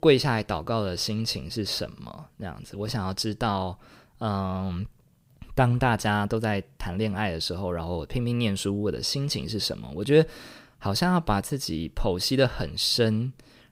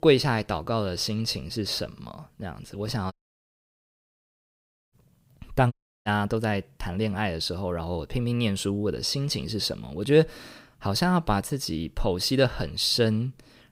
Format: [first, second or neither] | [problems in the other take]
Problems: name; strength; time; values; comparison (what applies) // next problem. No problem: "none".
first | audio cutting out; at 3 s for 2 s and at 5.5 s